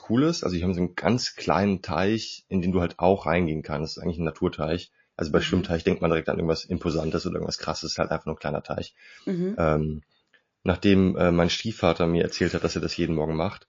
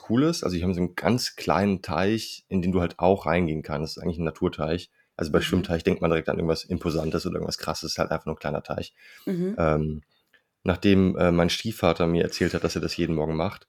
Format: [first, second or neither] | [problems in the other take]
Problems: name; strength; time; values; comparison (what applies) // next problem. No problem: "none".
second | garbled, watery; slightly; nothing above 6.5 kHz